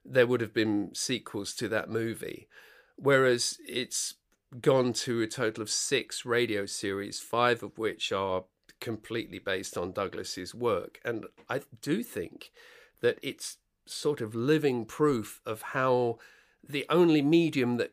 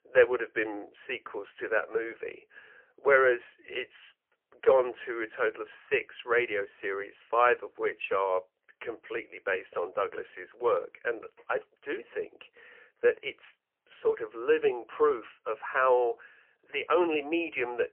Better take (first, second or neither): first